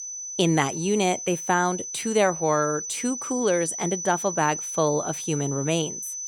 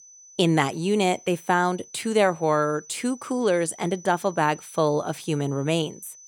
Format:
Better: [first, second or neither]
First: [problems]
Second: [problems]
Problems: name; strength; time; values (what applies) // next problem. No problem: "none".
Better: second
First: high-pitched whine; loud; throughout; 6 kHz, 6 dB below the speech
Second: high-pitched whine; faint; throughout; 6 kHz, 20 dB below the speech